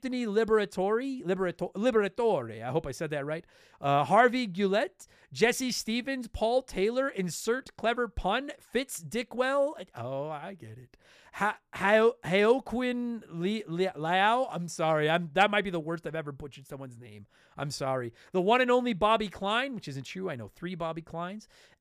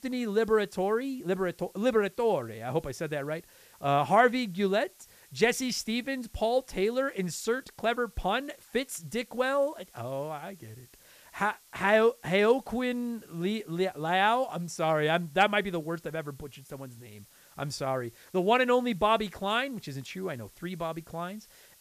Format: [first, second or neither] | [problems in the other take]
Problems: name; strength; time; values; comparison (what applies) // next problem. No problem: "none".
first | hiss; faint; throughout; 25 dB below the speech